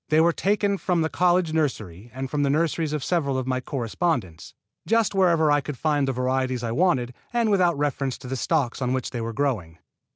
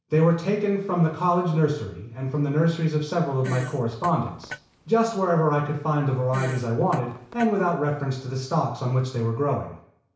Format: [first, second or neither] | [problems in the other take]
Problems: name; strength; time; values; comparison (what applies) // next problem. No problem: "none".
first | background sound (Fart); 16 dB below the speech // room echo; dies away in 0.6 s